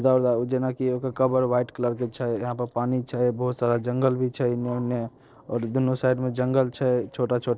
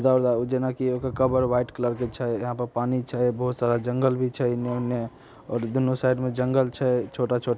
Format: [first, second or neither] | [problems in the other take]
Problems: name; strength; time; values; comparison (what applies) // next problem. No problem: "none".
second | noise reduction (neural separator model SepFormer DNS4)